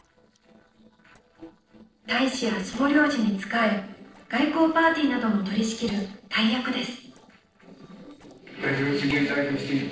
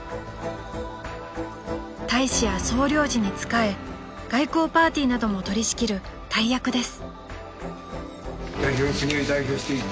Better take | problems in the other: second | noise reduction (neural separator model SepFormer DNS4)

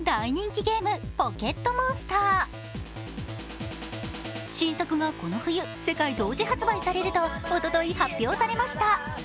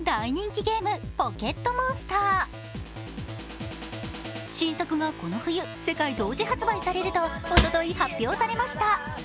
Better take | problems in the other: first | background sound (Cupboard open or close / Drawer open or close); 1 dB above the speech

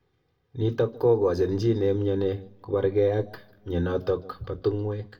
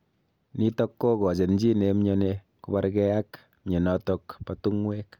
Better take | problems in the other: second | room echo; dies away in 0.7 s

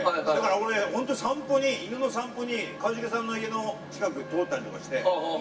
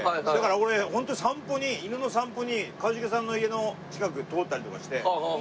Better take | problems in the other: second | background sound (Wind instrument, woodwind instrument); 18 dB below the speech // room echo; dies away in 0.7 s

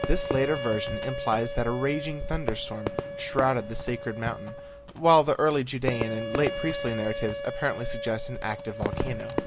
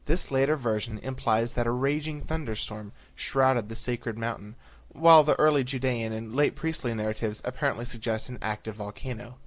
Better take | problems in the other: second | background sound (Fireworks + Wind instrument, woodwind instrument); 6 dB below the speech

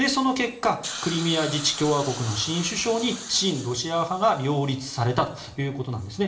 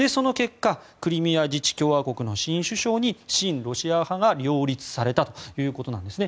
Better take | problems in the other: second | background sound (Hiss); 14 dB below the speech // room echo; dies away in 1.3 s

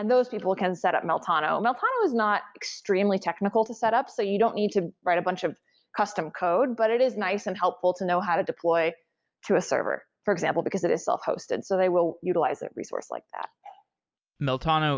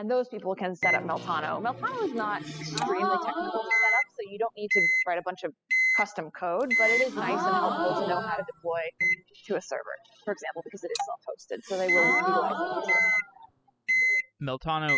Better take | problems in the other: first | noise reduction (classical method spectral subtraction)

